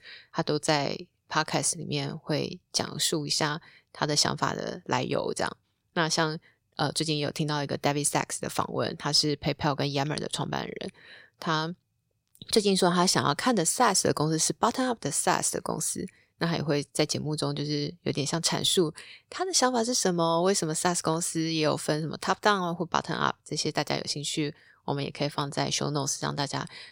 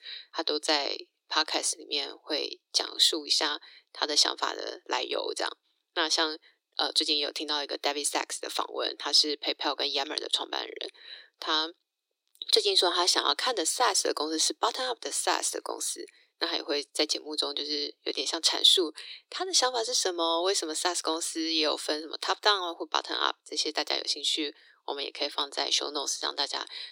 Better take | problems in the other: first | thin; very; fading below 300 Hz

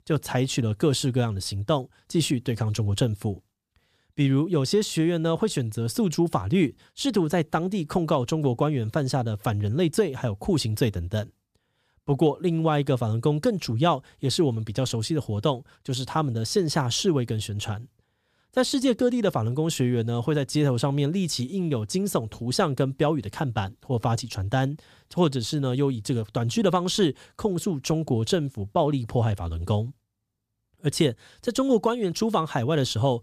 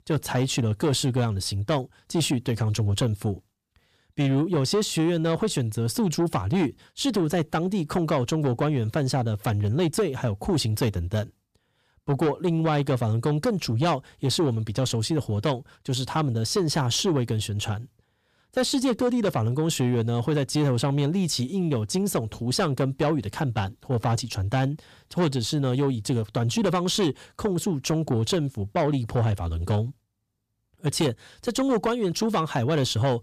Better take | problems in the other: first | distortion; slight; 10 dB below the speech

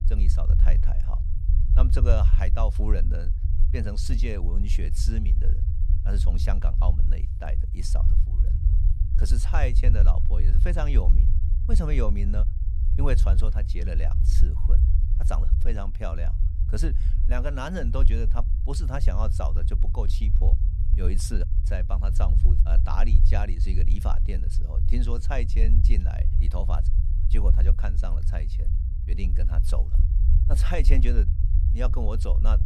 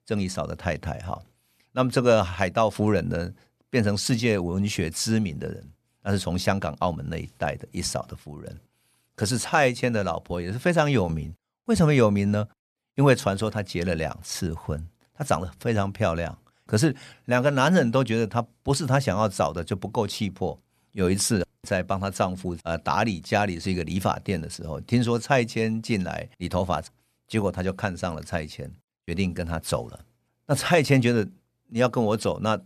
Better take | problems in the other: second | low rumble; loud; throughout; 7 dB below the speech

